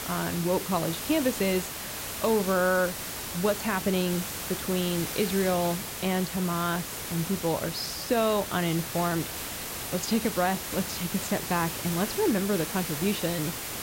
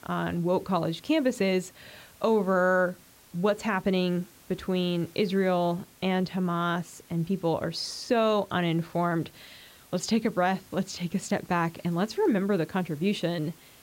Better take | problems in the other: second | hiss; loud; throughout; 5 dB below the speech; faint in the second

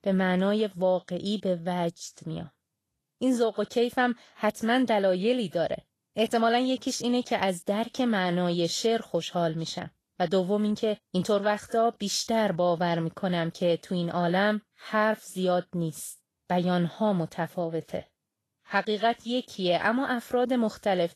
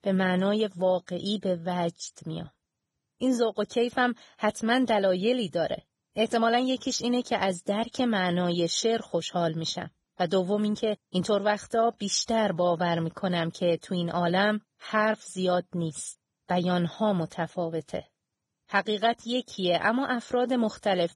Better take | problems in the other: first | garbled, watery; badly; nothing above 10 kHz; slightly in the first

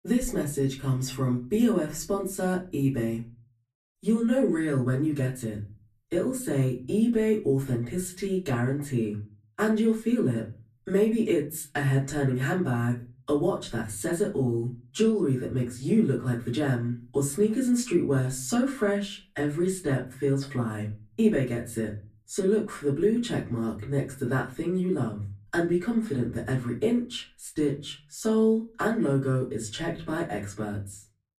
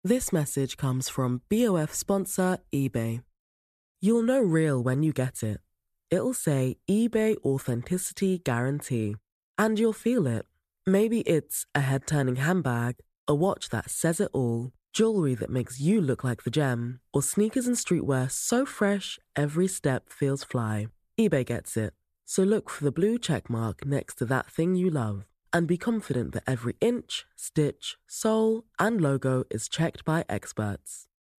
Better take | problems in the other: second | off-mic speech; far // room echo; very slight; dies away in 0.3 s

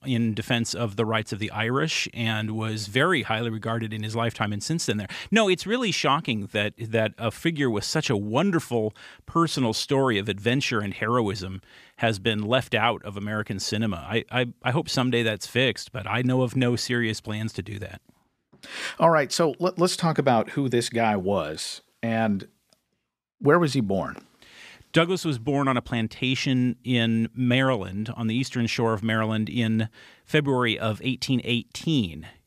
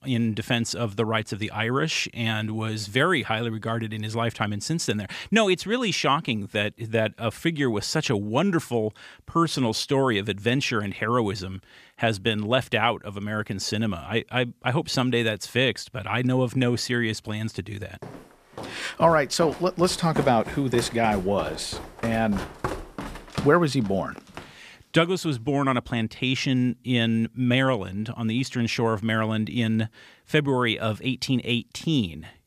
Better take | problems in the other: first | footsteps; noticeable; from 18 to 24 s; peak 7 dB below the speech

